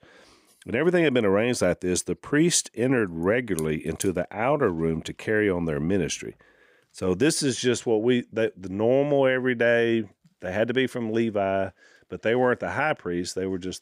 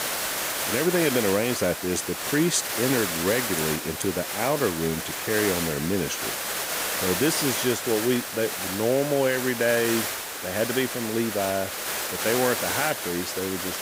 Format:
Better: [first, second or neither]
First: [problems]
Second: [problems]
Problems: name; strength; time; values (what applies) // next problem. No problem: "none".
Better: first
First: none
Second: hiss; loud; throughout; 2 dB below the speech